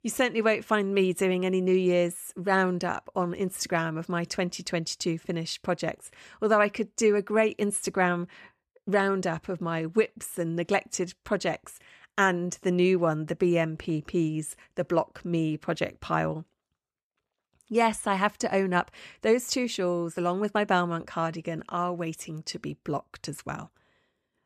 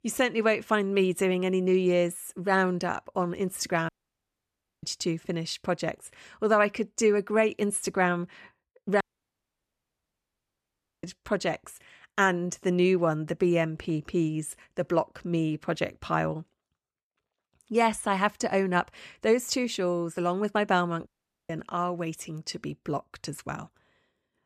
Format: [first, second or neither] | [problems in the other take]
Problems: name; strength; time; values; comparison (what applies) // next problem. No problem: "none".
first | audio cutting out; at 4 s for 1 s, at 9 s for 2 s and at 21 s